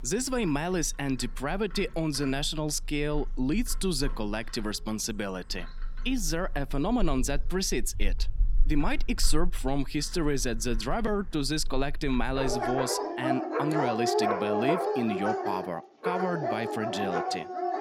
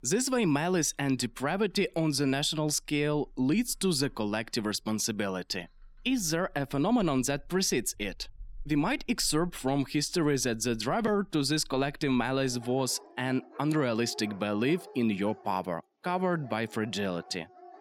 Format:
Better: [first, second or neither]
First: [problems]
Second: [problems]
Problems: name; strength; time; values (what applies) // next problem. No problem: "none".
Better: second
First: animal sounds; loud; throughout; 3 dB below the speech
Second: animal sounds; faint; throughout; 25 dB below the speech